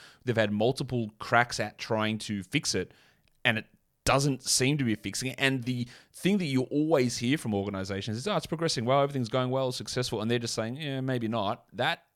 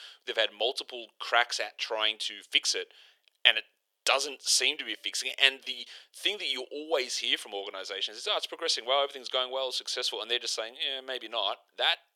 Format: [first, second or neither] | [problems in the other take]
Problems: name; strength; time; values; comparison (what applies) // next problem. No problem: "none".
first | thin; very; fading below 400 Hz